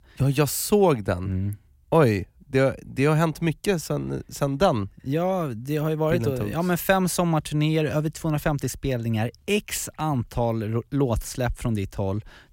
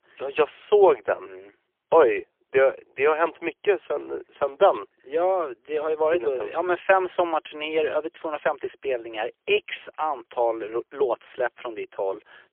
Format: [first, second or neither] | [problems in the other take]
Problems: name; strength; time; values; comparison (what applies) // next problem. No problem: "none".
first | phone-call audio; poor line; nothing above 3.5 kHz